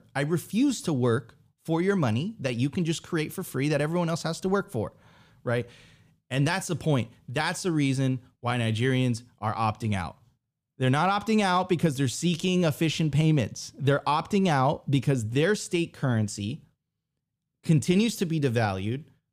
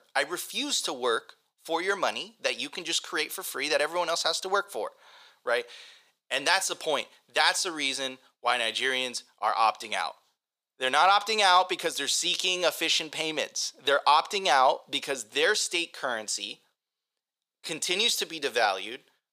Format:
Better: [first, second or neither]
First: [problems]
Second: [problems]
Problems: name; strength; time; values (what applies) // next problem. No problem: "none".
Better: first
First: none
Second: thin; very; fading below 550 Hz